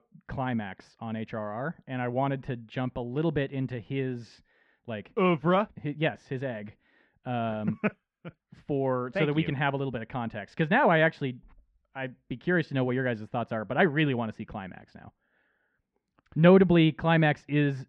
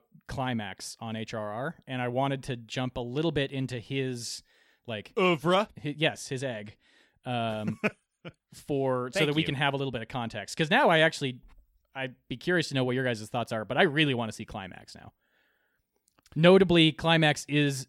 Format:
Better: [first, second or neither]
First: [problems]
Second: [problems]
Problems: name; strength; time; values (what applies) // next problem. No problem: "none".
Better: second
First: muffled; very; fading above 2 kHz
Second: none